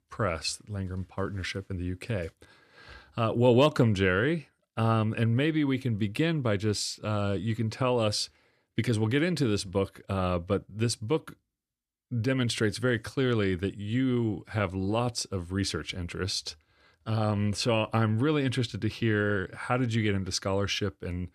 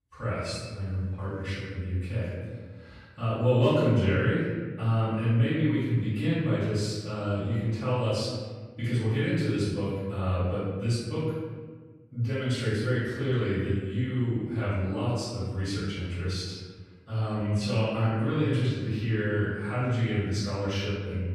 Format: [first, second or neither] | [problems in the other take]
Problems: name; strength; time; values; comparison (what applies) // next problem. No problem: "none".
first | off-mic speech; far // room echo; strong; dies away in 1.5 s